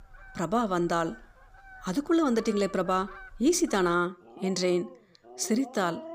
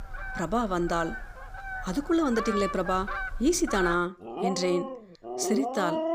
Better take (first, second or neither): first